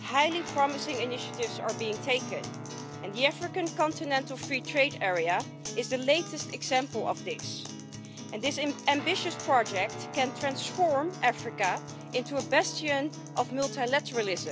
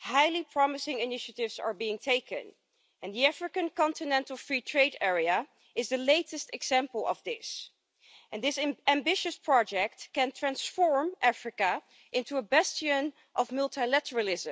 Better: second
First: background sound (Acoustic guitar + Guitar); 10 dB below the speech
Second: none

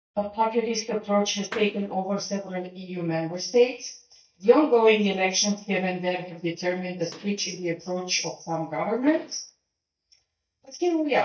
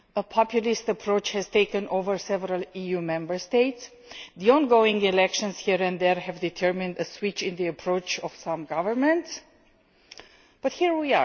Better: second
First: noise reduction (neural mask model DeepFilterNet 3)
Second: none

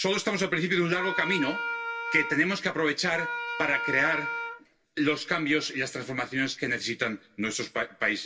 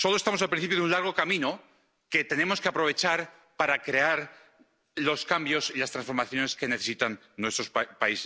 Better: second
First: background sound (Wind instrument, woodwind instrument); 5 dB below the speech // room echo; dies away in 0.1 s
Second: none

